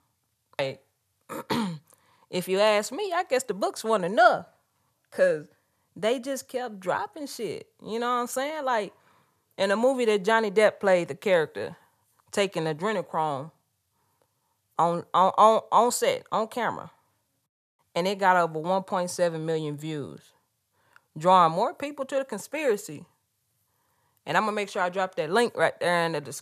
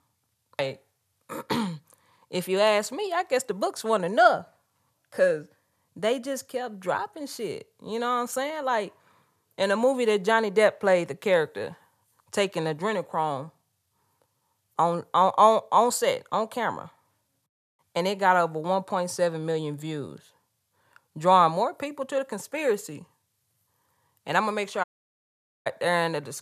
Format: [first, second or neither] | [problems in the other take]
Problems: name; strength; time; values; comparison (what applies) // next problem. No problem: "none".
first | audio cutting out; at 25 s for 1 s